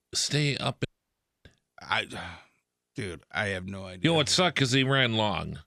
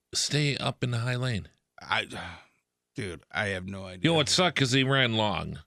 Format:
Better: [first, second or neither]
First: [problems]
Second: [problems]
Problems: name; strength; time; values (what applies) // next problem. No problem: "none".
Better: second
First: audio cutting out; at 1 s for 0.5 s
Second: none